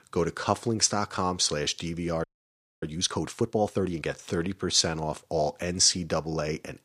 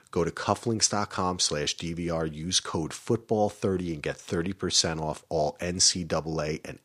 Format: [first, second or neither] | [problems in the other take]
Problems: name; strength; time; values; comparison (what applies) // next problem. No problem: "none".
second | audio freezing; at 2 s for 0.5 s